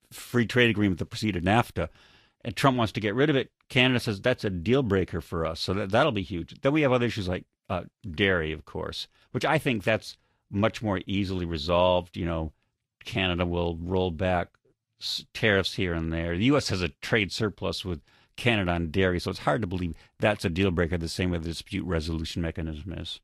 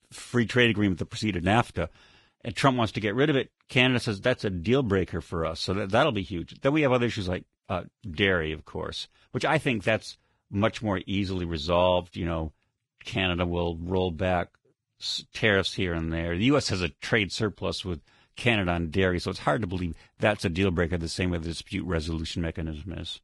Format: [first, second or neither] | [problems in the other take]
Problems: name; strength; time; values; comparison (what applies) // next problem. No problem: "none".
first | garbled, watery; badly; nothing above 11 kHz; slightly in the first